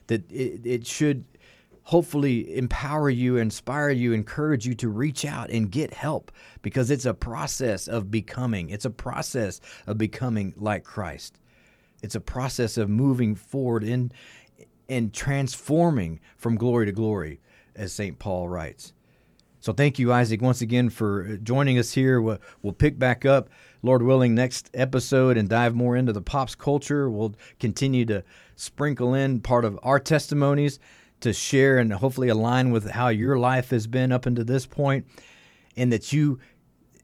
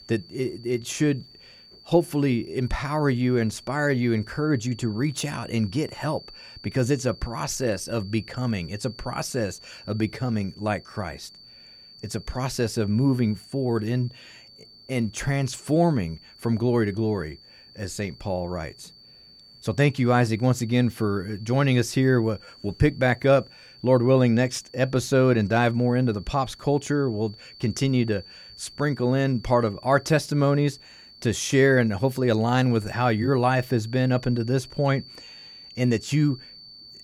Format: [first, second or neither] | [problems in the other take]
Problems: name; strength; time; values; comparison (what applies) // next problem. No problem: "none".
first | high-pitched whine; faint; throughout; 4.5 kHz, 20 dB below the speech